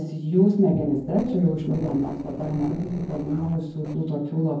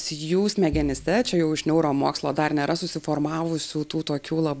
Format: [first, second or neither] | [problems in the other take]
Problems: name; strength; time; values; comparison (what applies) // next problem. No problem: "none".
second | noise reduction (neural separator model SepFormer DNS4)